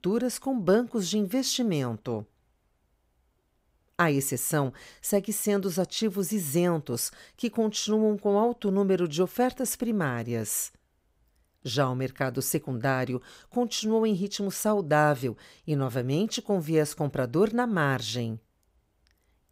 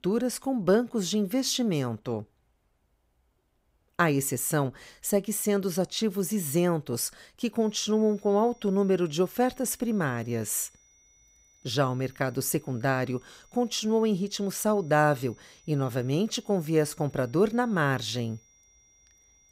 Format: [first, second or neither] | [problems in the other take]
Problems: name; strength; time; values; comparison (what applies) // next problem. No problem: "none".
first | high-pitched whine; faint; from 7.5 s on; 5.5 kHz, 30 dB below the speech